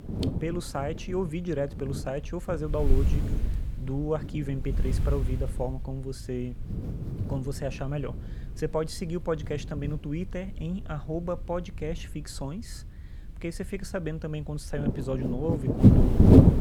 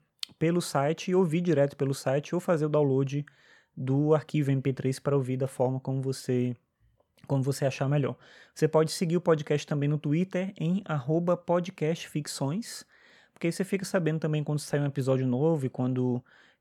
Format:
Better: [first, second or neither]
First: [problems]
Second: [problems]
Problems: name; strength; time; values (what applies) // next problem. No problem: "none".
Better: second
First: wind noise on the microphone; heavy; 3 dB above the speech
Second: none